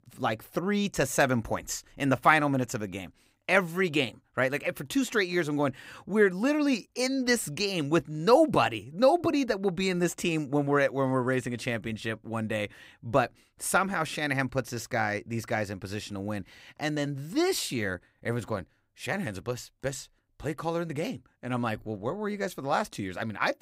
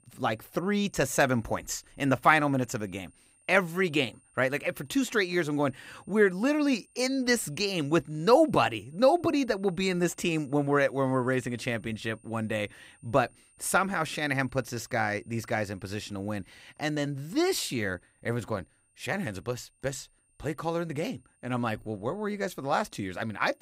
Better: first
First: none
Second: high-pitched whine; faint; throughout; 9 kHz, 35 dB below the speech

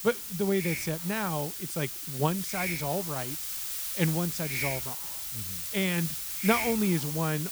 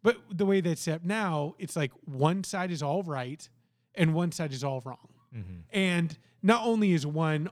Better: second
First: hiss; loud; throughout; 2 dB below the speech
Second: none

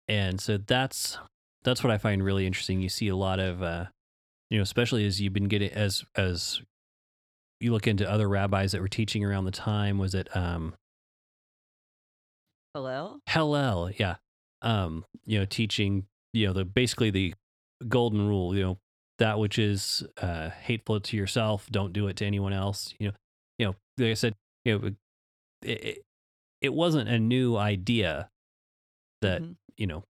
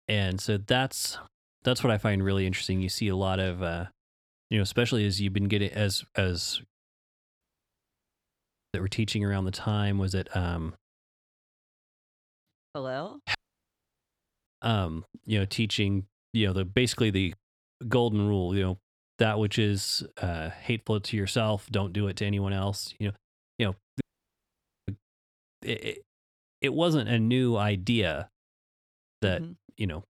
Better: first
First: none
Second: audio cutting out; at 7.5 s for 1.5 s, at 13 s for 1 s and at 24 s for 1 s

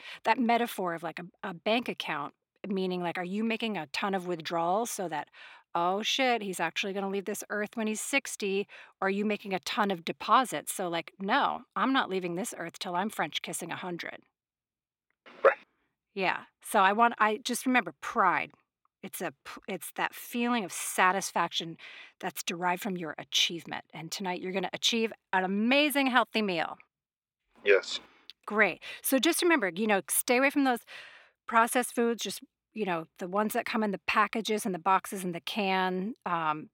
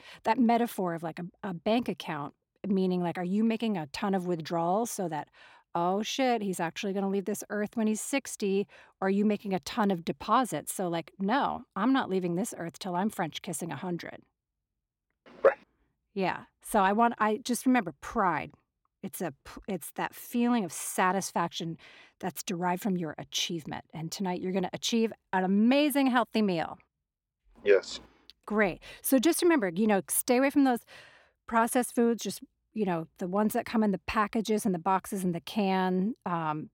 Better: second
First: thin; very slightly; fading below 650 Hz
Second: none

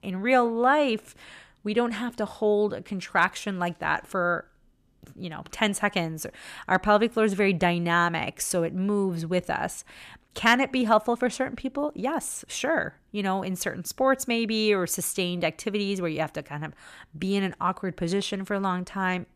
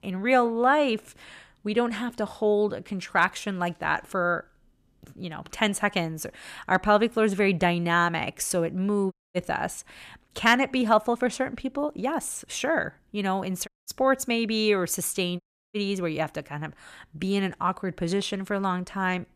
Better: first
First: none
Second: audio cutting out; at 9 s, at 14 s and at 15 s

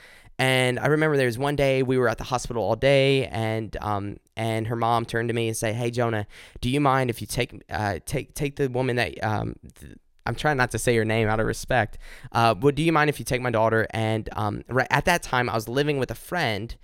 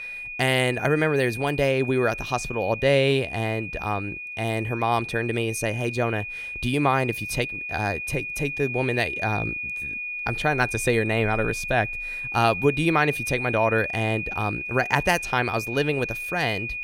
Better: first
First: none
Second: high-pitched whine; loud; throughout; 2.5 kHz, 6 dB below the speech

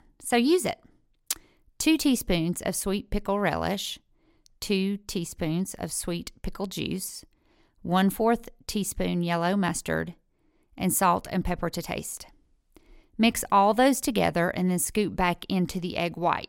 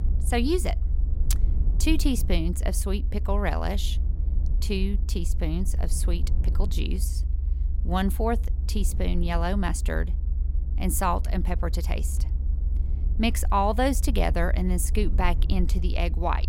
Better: first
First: none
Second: low rumble; noticeable; throughout; 15 dB below the speech

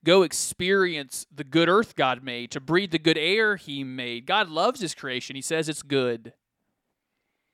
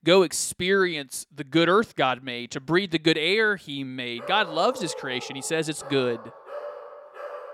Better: first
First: none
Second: dog barking; faint; from 4 s on; peak 10 dB below the speech

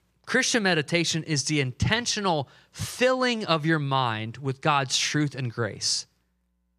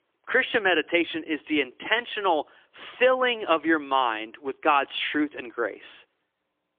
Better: first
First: none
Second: phone-call audio; poor line; nothing above 3.5 kHz

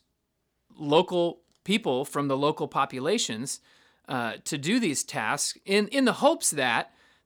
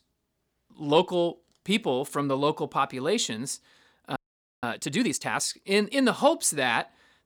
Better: first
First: none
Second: audio freezing; at 4 s

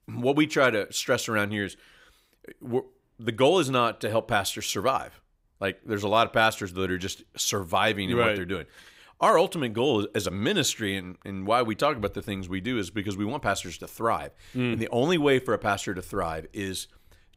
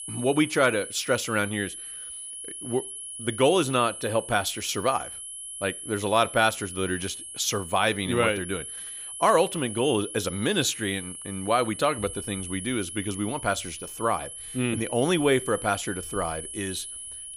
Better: first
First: none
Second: high-pitched whine; loud; throughout; 11 kHz, 9 dB below the speech

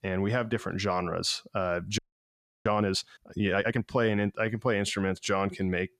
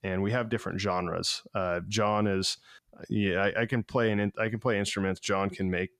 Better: second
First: audio freezing; at 2 s for 0.5 s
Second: none

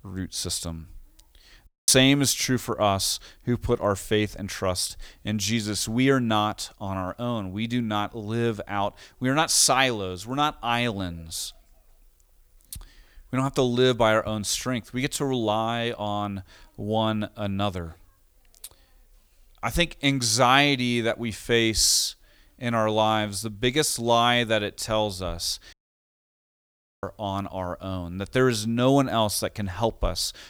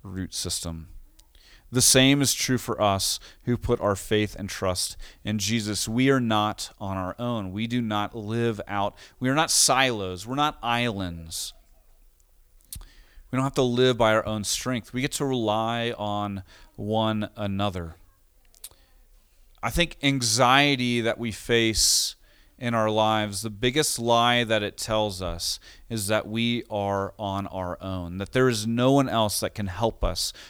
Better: second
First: audio cutting out; at 1.5 s and at 26 s for 1.5 s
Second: none

